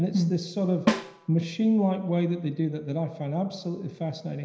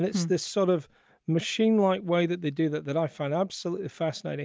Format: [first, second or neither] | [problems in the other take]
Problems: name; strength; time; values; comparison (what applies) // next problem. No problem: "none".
second | background sound (Snare drum); 5 dB below the speech // room echo; dies away in 0.9 s